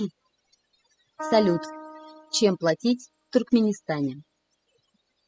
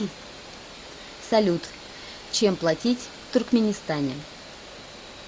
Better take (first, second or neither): second